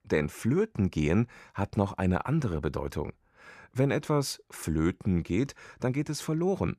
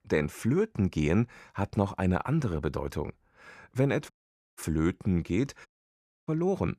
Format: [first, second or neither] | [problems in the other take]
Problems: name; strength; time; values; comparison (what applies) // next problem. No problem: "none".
first | audio cutting out; at 4 s and at 5.5 s for 0.5 s